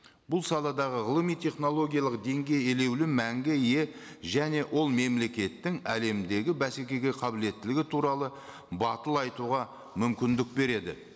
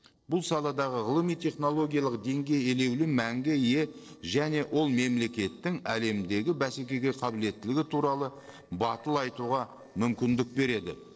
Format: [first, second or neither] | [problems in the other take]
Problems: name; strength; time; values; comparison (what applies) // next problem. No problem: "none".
first | noise reduction (neural separator model SepFormer DNS4)